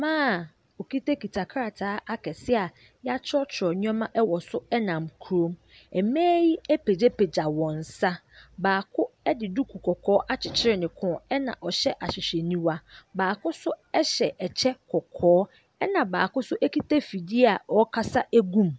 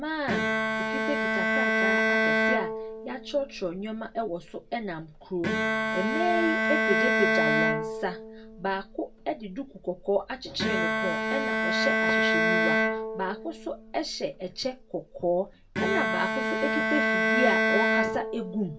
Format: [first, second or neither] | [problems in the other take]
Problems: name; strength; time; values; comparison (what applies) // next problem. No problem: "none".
first | background sound (Bowed string instrument); 4 dB above the speech // room echo; dies away in 0.2 s